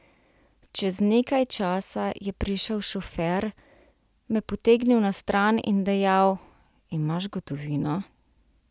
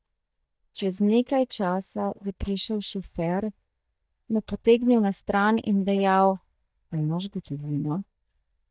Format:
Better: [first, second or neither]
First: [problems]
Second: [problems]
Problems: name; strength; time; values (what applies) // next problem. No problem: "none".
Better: first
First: none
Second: noise reduction (neural mask model DeepFilterNet 3)